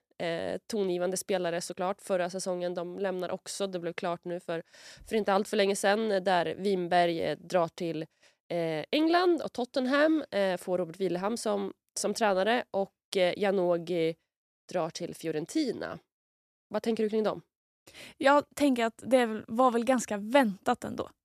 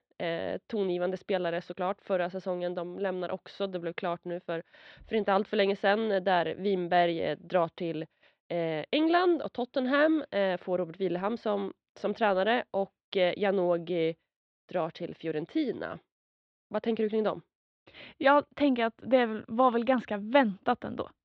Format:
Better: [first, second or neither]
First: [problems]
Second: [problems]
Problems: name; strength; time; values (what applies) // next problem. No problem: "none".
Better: first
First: none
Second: muffled; slightly; fading above 3.5 kHz